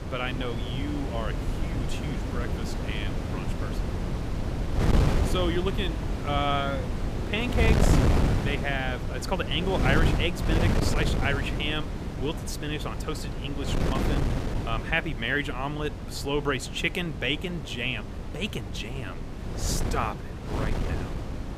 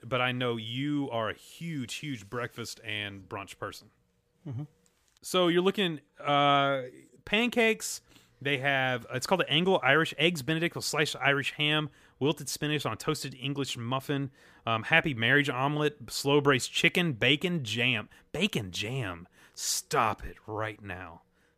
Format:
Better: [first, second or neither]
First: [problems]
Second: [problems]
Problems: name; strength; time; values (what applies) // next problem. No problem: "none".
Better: second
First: wind noise on the microphone; heavy; 5 dB below the speech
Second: none